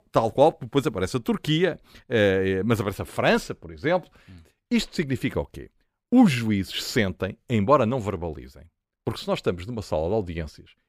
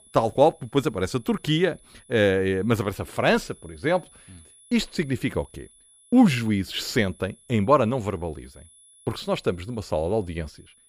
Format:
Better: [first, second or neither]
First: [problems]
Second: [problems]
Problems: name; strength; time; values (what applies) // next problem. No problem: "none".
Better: first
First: none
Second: high-pitched whine; faint; throughout; 10.5 kHz, 30 dB below the speech